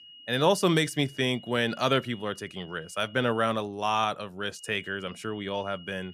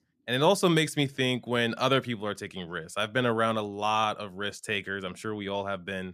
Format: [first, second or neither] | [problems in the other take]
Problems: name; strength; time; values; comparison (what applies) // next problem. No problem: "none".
second | high-pitched whine; noticeable; until 3.5 s and from 4.5 s on; 3 kHz, 20 dB below the speech